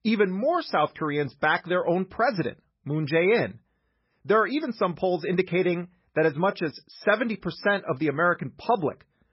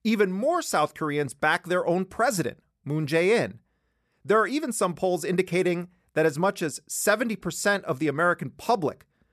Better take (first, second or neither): second